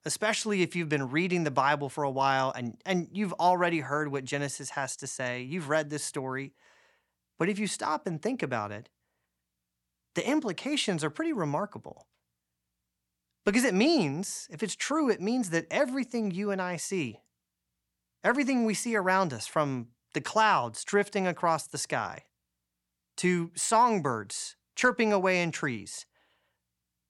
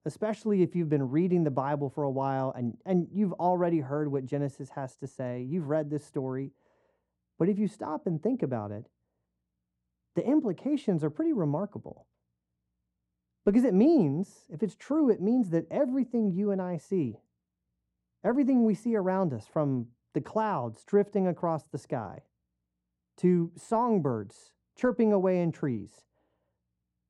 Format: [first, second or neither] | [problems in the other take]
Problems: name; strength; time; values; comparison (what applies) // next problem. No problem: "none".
first | muffled; very; fading above 1 kHz